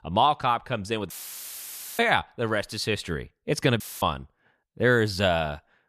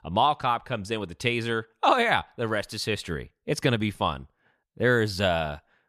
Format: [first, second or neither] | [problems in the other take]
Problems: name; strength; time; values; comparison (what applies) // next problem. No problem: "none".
second | audio cutting out; filled with static; at 1 s for 1 s and at 4 s